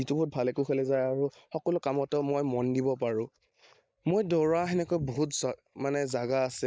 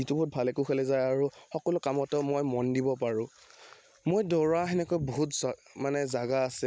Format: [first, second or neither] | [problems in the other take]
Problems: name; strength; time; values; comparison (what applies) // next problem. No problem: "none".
second | noise reduction (neural mask model DeepFilterNet 3)